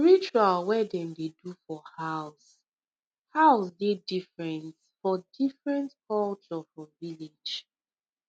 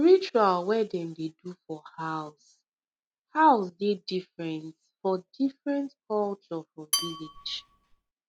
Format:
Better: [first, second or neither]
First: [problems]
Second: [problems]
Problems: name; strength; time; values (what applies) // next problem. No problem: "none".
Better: first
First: none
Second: background sound (Dishes, pots, and pans / Glass / Bell); 7 dB below the speech